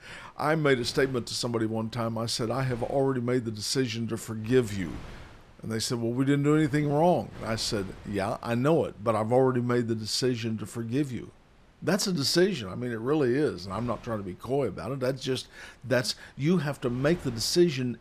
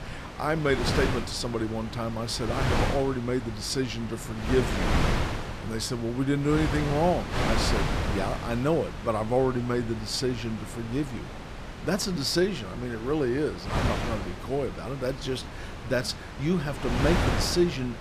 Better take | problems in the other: first | wind noise on the microphone; heavy; 4 dB below the speech; occasional gusts in the first

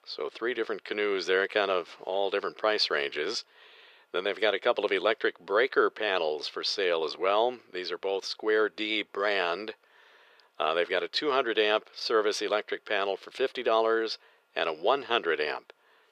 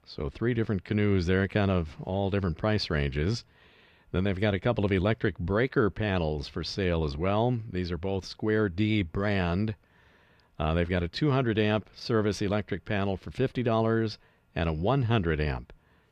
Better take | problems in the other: second | thin; very; fading below 400 Hz

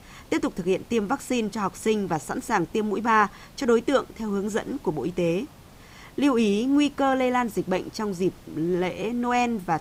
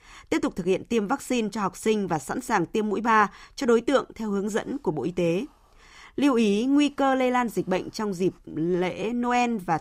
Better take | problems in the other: second | hiss; faint; throughout; 25 dB below the speech

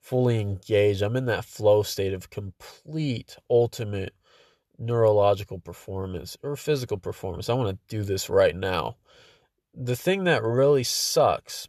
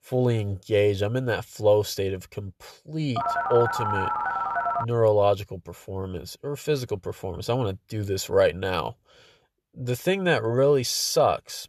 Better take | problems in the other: first | phone ringing; noticeable; from 3 to 5 s; peak 1 dB below the speech

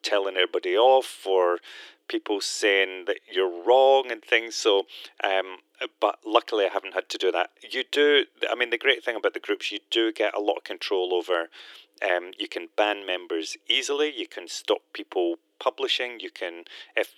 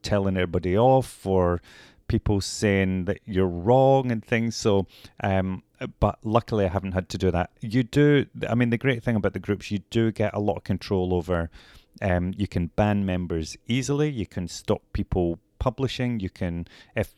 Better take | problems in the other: second | thin; very; fading below 300 Hz

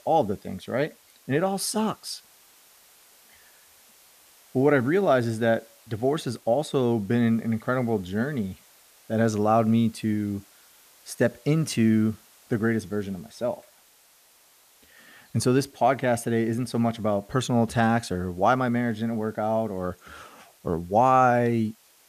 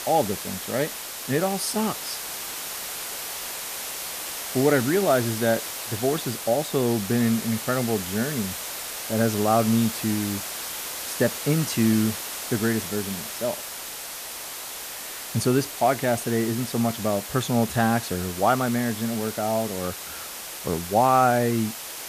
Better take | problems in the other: first | hiss; loud; throughout; 7 dB below the speech; faint in the first

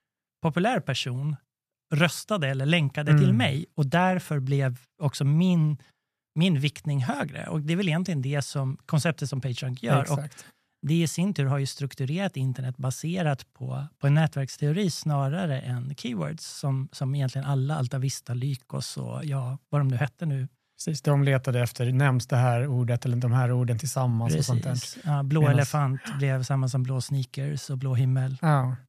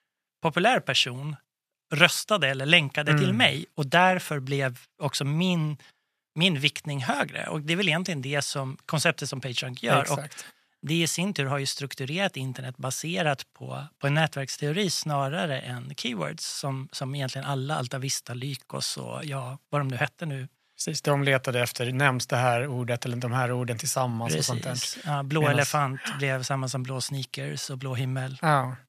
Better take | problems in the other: first | thin; somewhat; fading below 850 Hz

